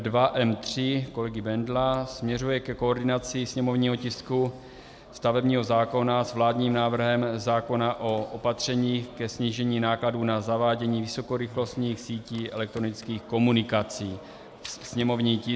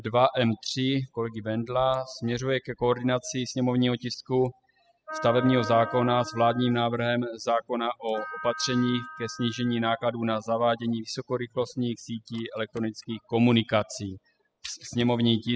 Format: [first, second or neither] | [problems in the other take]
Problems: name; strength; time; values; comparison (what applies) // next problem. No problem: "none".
first | noise reduction (classical method spectral subtraction)